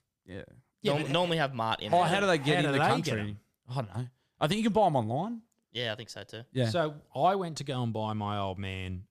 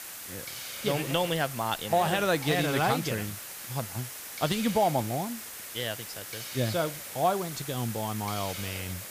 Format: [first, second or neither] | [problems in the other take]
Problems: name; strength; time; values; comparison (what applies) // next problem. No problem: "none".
first | hiss; loud; throughout; 8 dB below the speech